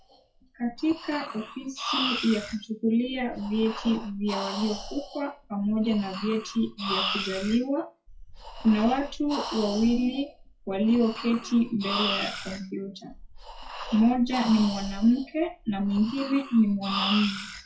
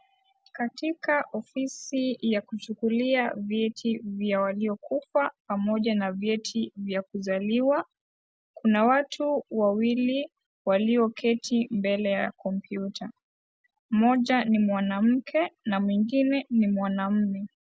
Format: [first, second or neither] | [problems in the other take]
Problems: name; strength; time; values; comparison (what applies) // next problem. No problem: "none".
second | noise reduction (classical method WPE with log-MMSE)